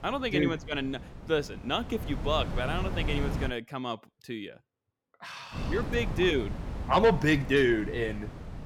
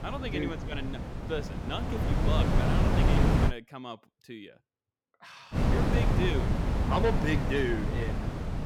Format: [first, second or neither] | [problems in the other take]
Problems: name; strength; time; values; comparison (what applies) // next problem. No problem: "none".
first | wind noise on the microphone; heavy; until 3.5 s and from 5.5 s on; as loud as the speech; occasional gusts in the first